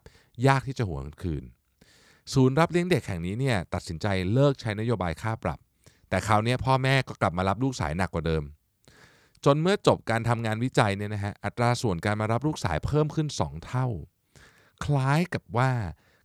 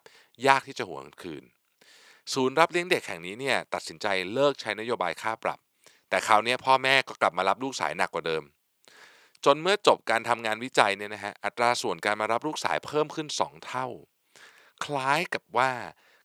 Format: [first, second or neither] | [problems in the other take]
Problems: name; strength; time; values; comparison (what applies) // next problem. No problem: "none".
first | thin; very; fading below 450 Hz